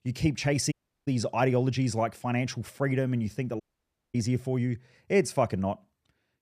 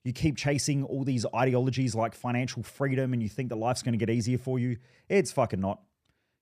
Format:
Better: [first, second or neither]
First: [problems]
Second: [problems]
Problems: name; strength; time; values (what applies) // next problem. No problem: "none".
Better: second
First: audio cutting out; at 0.5 s and at 3.5 s for 0.5 s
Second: none